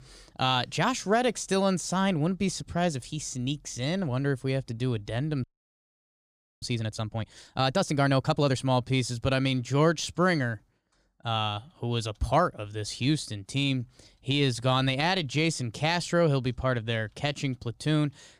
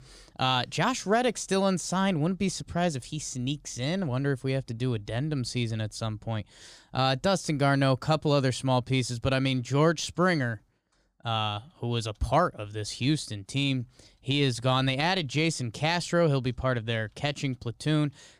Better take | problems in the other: second | audio freezing; at 5.5 s for 1 s

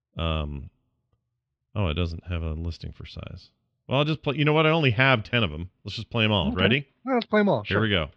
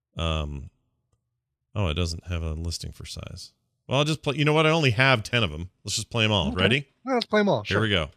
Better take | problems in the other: second | muffled; slightly; fading above 3.5 kHz

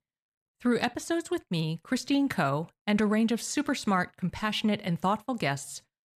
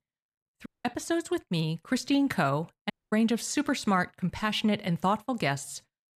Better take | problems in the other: first | audio cutting out; at 0.5 s and at 3 s

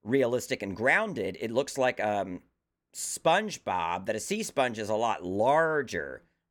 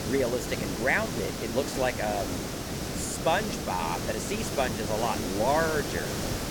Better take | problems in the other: first | hiss; loud; throughout; 3 dB below the speech

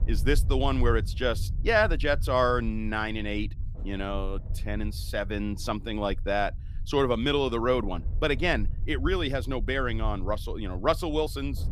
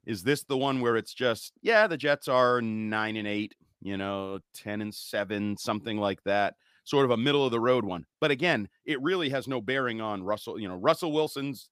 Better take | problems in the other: second | low rumble; faint; throughout; 25 dB below the speech

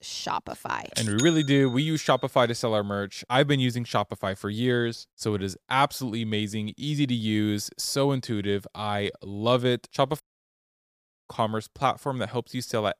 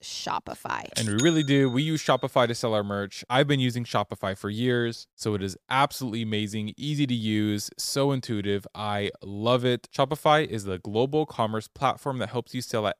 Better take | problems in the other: second | audio cutting out; at 10 s for 1 s

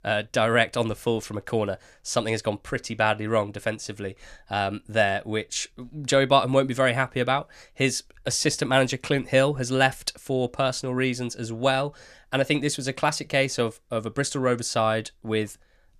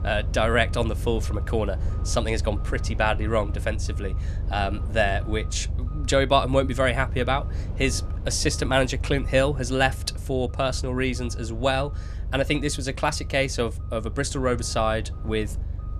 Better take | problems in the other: first | low rumble; noticeable; throughout; 20 dB below the speech

